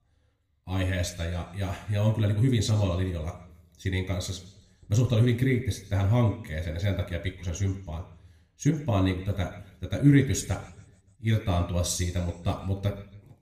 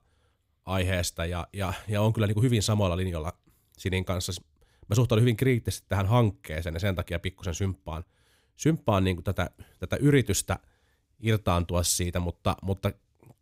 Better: second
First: room echo; very slight; dies away in 0.7 s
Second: none

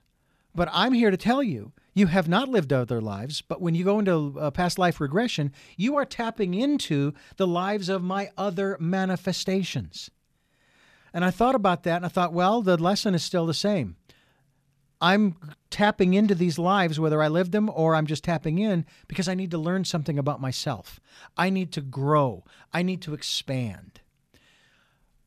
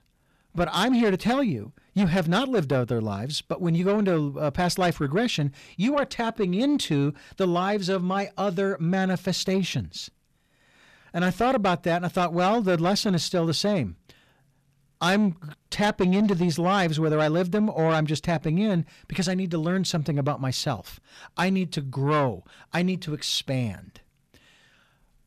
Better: first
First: none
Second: distortion; slight; 10 dB below the speech

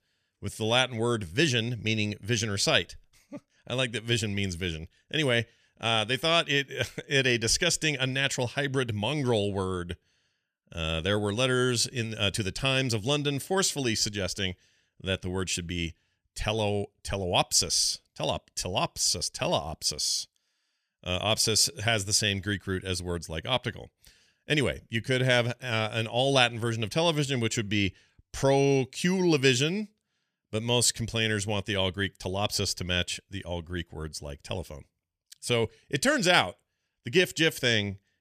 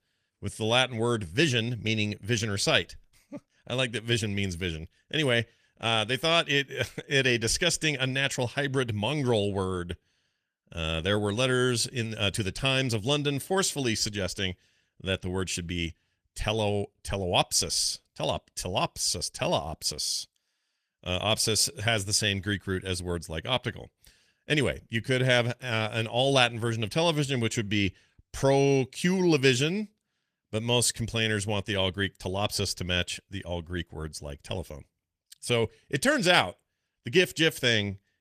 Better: first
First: none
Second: garbled, watery; slightly; nothing above 14.5 kHz

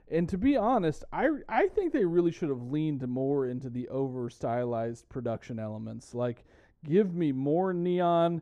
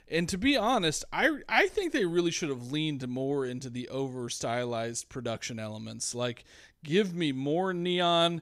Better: second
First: muffled; very; fading above 2 kHz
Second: none

